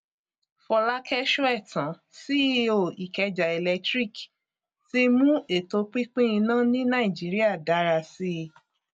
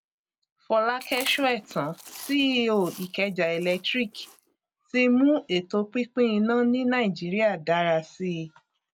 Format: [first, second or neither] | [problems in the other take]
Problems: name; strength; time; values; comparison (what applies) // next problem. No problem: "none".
first | background sound (Chewing, mastication); 19 dB below the speech